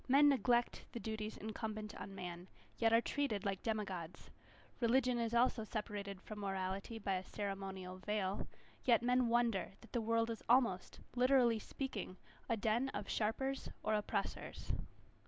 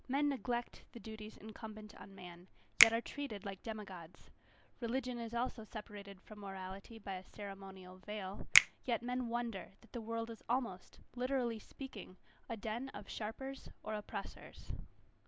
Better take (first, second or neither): first